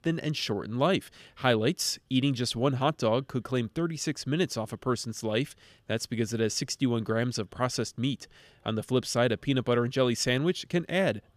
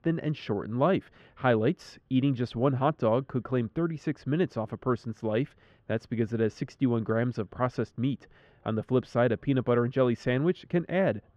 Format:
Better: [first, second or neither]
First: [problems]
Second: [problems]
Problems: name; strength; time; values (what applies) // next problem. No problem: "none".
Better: first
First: none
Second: muffled; very; fading above 4 kHz